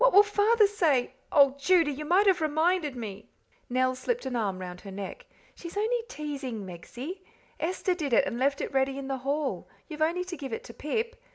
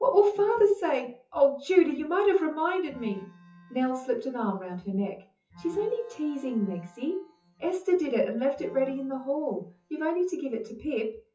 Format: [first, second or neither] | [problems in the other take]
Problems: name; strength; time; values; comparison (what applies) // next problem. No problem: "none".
first | noise reduction (classical method WPE with log-MMSE)